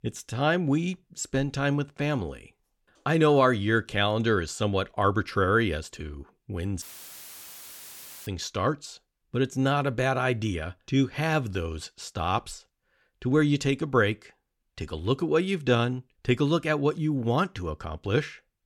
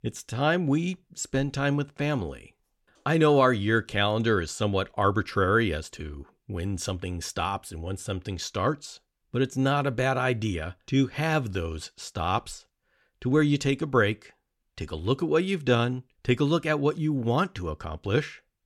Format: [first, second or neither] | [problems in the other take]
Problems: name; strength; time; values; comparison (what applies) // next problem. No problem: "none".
second | audio cutting out; filled with static; at 7 s for 1.5 s